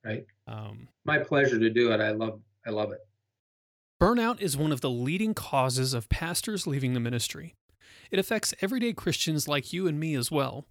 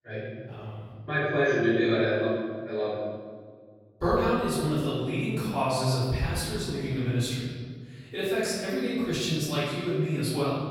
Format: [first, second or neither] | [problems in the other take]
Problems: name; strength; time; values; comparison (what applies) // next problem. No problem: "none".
first | room echo; strong; dies away in 1.6 s // off-mic speech; far